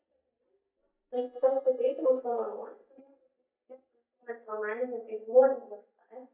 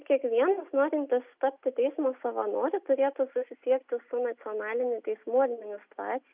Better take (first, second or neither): second